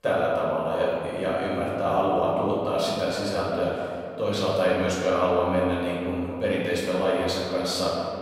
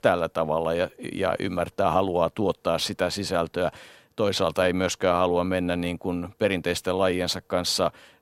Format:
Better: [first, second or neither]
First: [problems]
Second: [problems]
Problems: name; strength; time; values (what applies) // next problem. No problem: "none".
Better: second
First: off-mic speech; far // room echo; strong; dies away in 2.2 s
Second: none